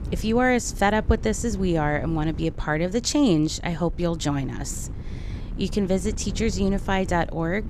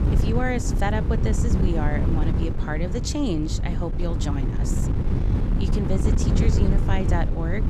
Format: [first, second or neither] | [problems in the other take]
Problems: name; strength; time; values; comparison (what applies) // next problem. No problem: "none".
first | wind noise on the microphone; heavy; 4 dB below the speech; occasional gusts in the first